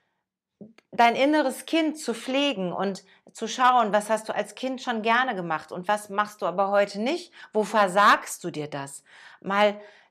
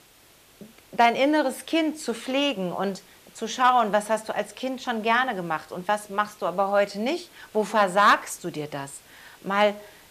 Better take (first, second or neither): first